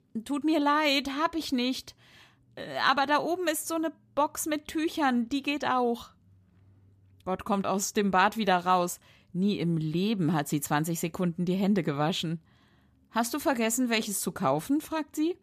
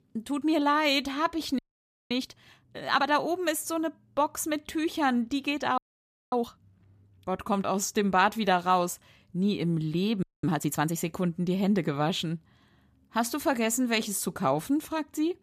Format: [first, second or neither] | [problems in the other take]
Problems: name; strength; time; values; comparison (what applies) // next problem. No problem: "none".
first | audio freezing; at 1.5 s for 0.5 s, at 6 s for 0.5 s and at 10 s